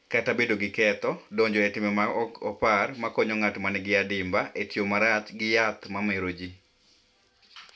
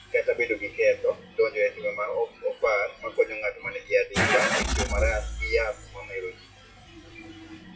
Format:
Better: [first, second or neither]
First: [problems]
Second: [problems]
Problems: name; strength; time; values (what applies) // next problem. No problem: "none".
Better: first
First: none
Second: noise reduction (classical method WPE with log-MMSE)